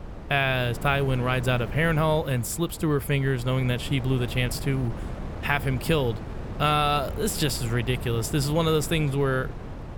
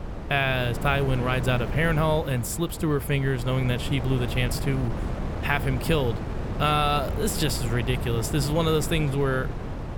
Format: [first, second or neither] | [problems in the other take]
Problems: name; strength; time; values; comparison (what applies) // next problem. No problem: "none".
first | wind noise on the microphone; heavy; 10 dB below the speech; occasional gusts in the first